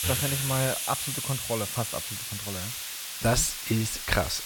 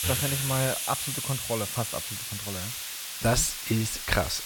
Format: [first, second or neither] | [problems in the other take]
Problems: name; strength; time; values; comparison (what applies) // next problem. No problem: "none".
neither | hiss; loud; throughout; 2 dB below the speech; the same in both